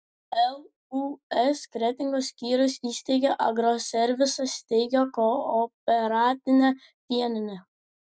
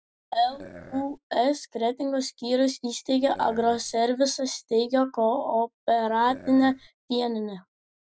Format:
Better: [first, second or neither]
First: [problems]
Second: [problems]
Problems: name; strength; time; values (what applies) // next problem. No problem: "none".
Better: first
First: none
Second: background sound (Burping, eructation); 19 dB below the speech